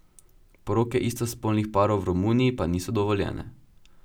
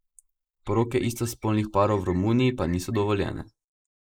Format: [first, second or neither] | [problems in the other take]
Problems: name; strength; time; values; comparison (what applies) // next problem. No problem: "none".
first | noise reduction (neural mask model Resemble Enhance denoiser)